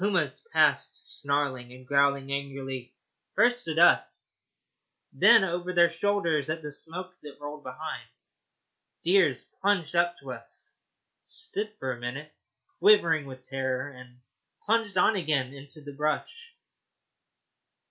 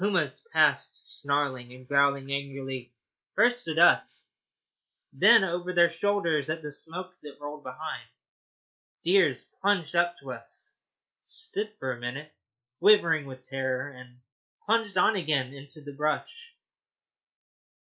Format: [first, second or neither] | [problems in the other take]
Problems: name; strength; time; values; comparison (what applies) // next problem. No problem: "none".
first | noise reduction (neural mask model Resemble Enhance denoiser)